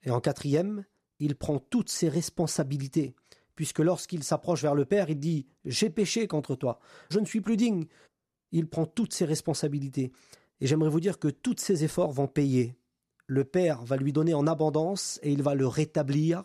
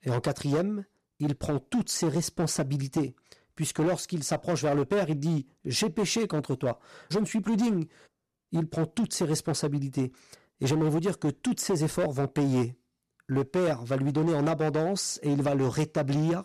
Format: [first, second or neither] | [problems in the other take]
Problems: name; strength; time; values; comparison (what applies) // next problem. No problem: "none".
first | distortion; slight; 12% of the sound clipped